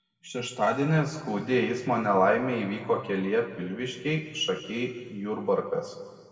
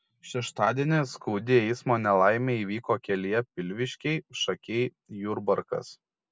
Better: second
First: room echo; dies away in 2 s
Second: none

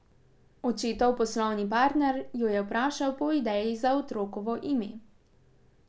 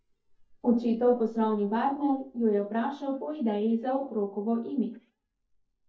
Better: first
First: none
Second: noise reduction (neural mask model DeepFilterNet 3)

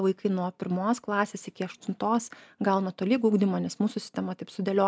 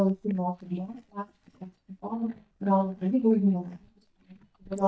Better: first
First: none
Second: noise reduction (neural mask model DeepFilterNet 3)

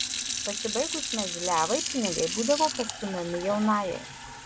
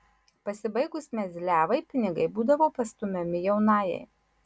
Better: second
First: background sound (Fill (with liquid) / Sink (filling or washing)); 4 dB below the speech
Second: none

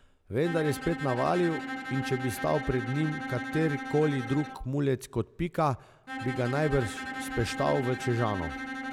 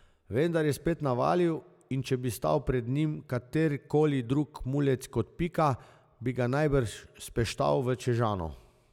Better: second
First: background sound (Bowed string instrument); 8 dB below the speech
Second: none

